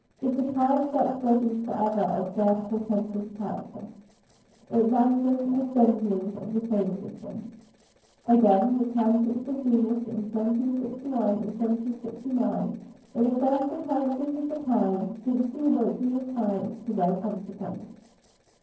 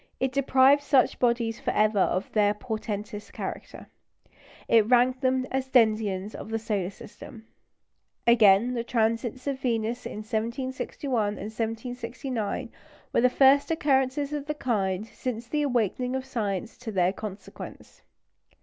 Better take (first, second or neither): second